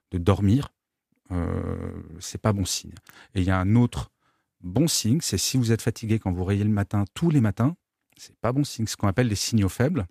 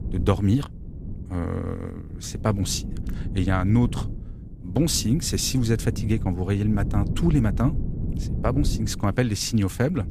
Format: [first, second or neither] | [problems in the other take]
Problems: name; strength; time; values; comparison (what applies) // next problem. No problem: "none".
first | wind noise on the microphone; occasional gusts; 15 dB below the speech